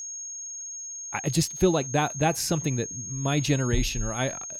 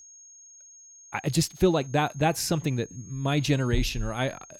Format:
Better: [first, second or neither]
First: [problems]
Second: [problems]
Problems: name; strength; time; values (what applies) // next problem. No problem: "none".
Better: second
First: high-pitched whine; loud; throughout; 6.5 kHz, 7 dB below the speech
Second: high-pitched whine; faint; throughout; 6.5 kHz, 20 dB below the speech